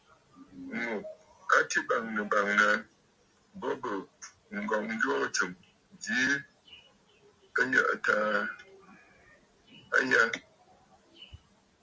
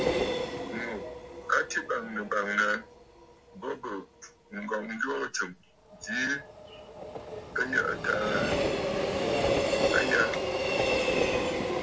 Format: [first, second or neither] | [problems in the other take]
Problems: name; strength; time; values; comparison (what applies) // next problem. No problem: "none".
first | background sound (Train); 2 dB above the speech